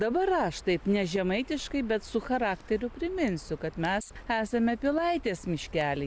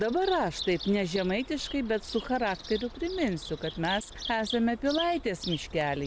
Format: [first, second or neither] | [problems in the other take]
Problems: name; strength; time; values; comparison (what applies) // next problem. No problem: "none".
first | background sound (Bird vocalization, bird call, bird song); 13 dB below the speech